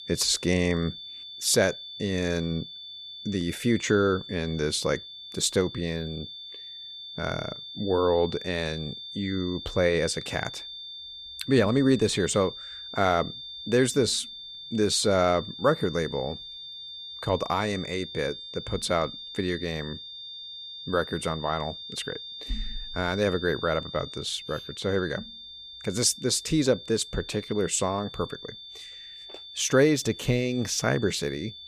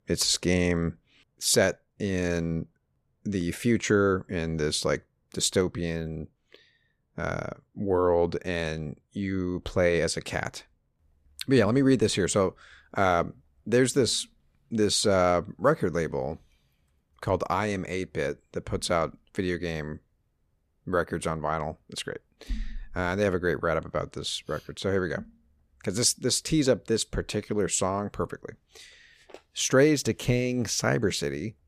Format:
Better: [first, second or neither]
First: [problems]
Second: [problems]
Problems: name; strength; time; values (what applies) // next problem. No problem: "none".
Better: second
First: high-pitched whine; noticeable; throughout; 3.5 kHz, 10 dB below the speech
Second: none